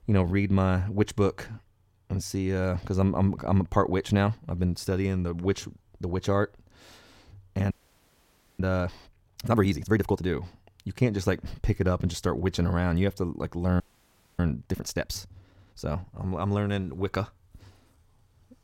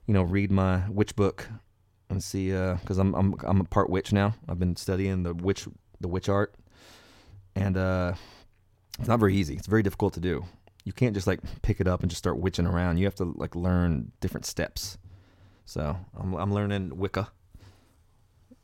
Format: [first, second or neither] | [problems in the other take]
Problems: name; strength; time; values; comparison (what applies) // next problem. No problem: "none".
second | audio freezing; at 7.5 s for 1 s and at 14 s for 0.5 s